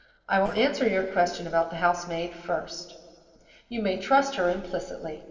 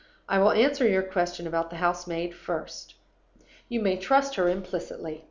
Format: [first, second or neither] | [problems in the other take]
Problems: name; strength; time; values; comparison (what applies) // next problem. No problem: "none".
second | noise reduction (neural separator model SepFormer DNS4)